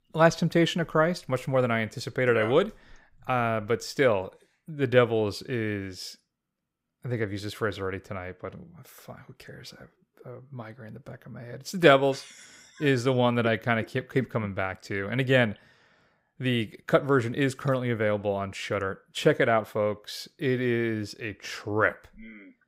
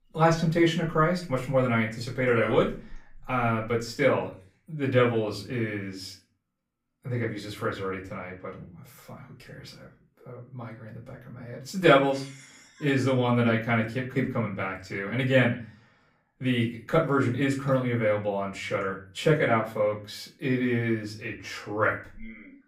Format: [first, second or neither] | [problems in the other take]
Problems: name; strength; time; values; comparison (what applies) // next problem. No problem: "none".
first | room echo; slight; dies away in 0.3 s // off-mic speech; far